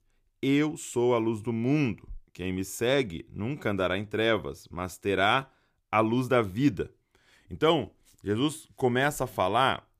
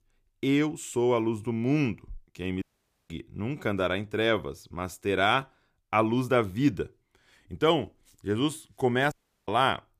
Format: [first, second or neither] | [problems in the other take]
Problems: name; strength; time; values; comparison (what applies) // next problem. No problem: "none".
first | audio cutting out; at 2.5 s and at 9 s